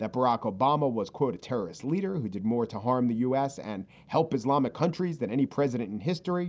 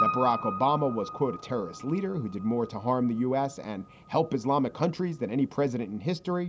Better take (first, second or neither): first